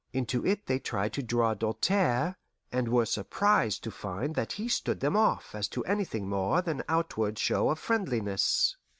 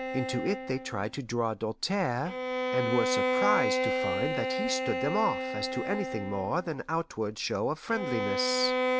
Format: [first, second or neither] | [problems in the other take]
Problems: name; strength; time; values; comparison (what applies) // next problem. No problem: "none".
first | background sound (Bowed string instrument); as loud as the speech